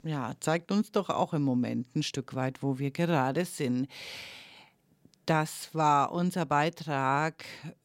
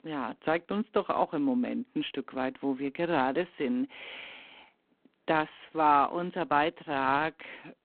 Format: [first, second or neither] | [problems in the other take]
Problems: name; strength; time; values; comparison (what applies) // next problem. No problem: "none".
first | phone-call audio; poor line; nothing above 4 kHz